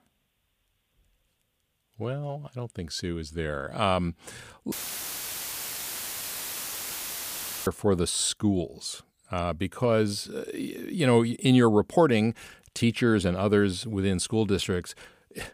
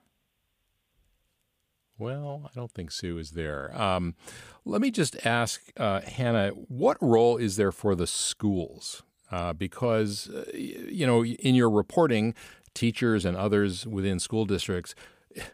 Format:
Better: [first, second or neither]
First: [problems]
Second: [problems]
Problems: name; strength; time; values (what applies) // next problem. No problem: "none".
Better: second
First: audio cutting out; filled with static; at 4.5 s for 3 s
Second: none